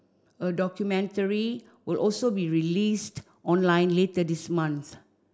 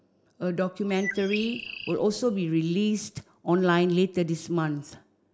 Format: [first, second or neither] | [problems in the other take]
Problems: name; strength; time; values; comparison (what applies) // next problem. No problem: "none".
first | background sound (Bird); 11 dB below the speech